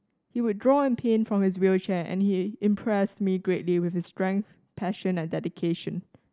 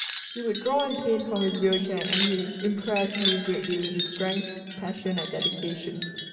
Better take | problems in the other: first | background sound (Wind chime); 5 dB below the speech // room echo; dies away in 2.7 s

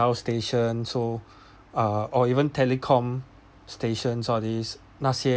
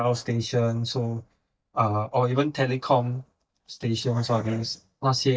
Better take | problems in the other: first | noise reduction (neural mask model DeepFilterNet 3)

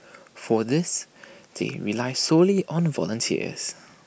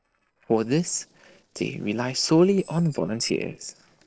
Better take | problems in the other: first | noise reduction (neural separator model SepFormer DNS4)

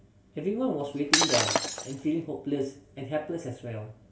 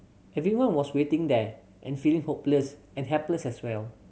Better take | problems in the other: second | background sound (Shatter); 4 dB above the speech // room echo; dies away in 0.4 s

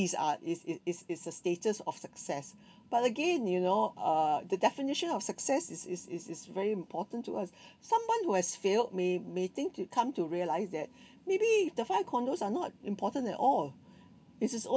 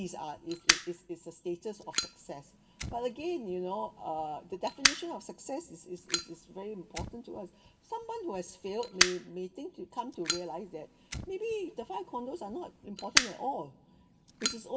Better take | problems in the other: first | background sound (Fire); 2 dB above the speech // room echo; dies away in 0.5 s

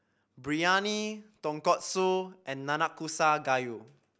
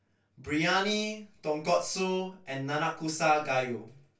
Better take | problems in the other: first | room echo; dies away in 0.2 s

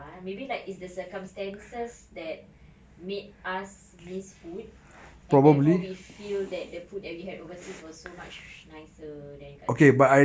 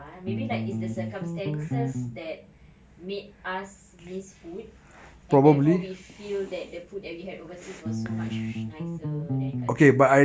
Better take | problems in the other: first | background sound (Bass guitar); 4 dB below the speech

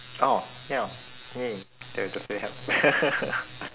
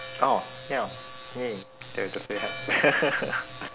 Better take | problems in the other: first | background sound (Church bell); 14 dB below the speech

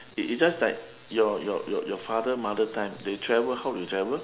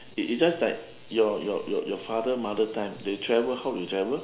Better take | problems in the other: first | room echo; dies away in 0.6 s

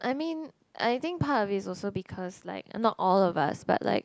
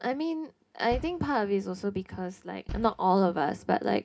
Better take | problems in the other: first | background sound (Bass drum); 13 dB below the speech // room echo; dies away in 0.3 s

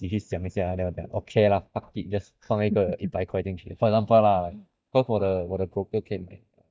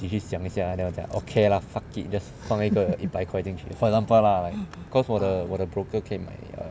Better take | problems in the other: second | noise reduction (neural mask model DeepFilterNet 3)

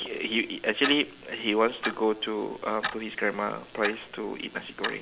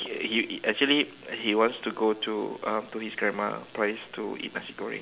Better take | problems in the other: second | background sound (Clock); 10 dB below the speech

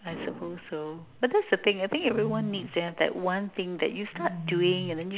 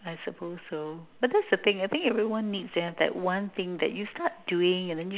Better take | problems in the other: second | background sound (Wild animals); 13 dB below the speech

